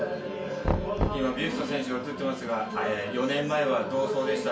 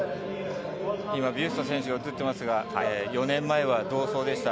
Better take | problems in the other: second | background sound (Knock); 6 dB below the speech // room echo; dies away in 0.3 s

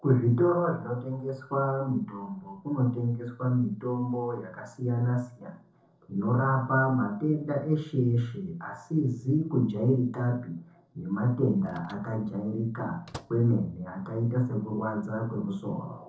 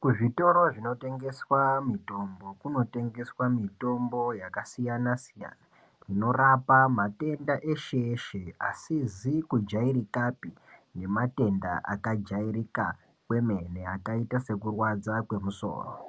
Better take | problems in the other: second | noise reduction (neural separator model SepFormer DNS4)

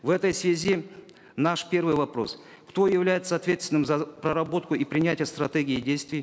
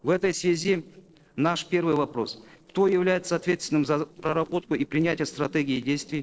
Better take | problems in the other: first | noise reduction (neural separator model SepFormer DNS4)

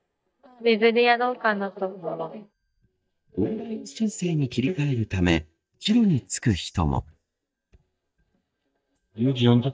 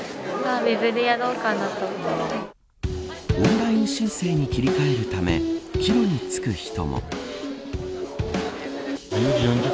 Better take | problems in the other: second | noise reduction (neural mask model DeepFilterNet 3)

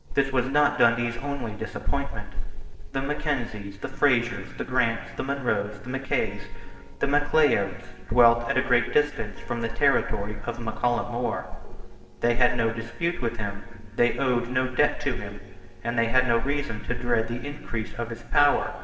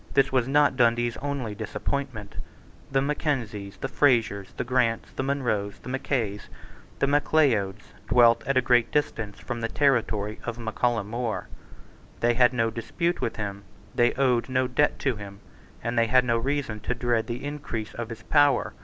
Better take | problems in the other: second | noise reduction (neural separator model SepFormer DNS4)

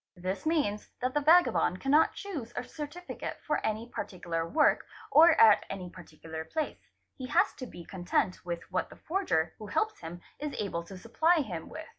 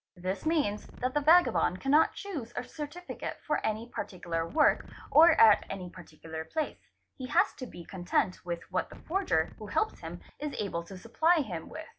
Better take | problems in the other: first | background sound (Wind); 17 dB below the speech

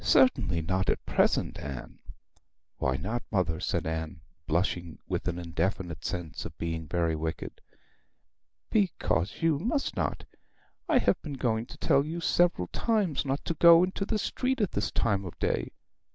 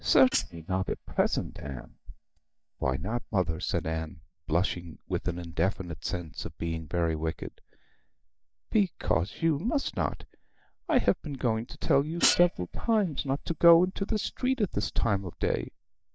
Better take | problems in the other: first | noise reduction (neural mask model DeepFilterNet 3)

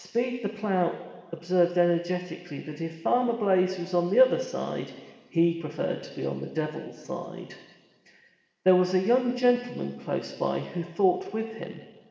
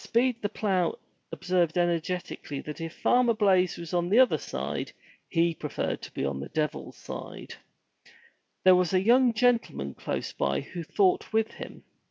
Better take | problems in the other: second | room echo; dies away in 2 s

